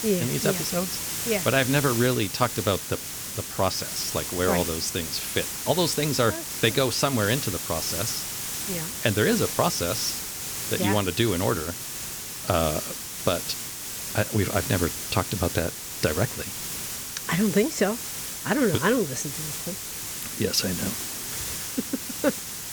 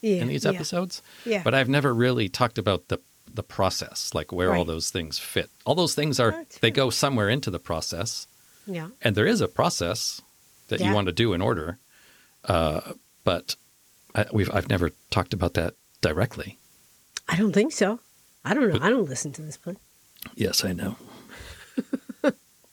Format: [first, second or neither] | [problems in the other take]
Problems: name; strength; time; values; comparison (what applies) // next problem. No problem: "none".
second | hiss; loud; throughout; 4 dB below the speech; faint in the second